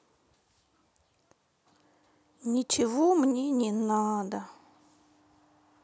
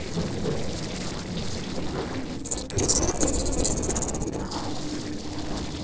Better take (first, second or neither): first